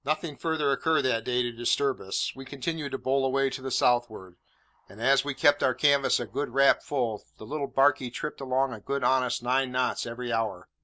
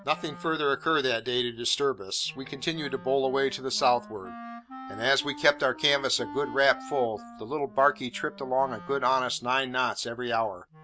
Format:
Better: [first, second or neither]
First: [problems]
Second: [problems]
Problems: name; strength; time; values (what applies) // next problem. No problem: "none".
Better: first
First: none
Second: background sound (Wind instrument, woodwind instrument); 18 dB below the speech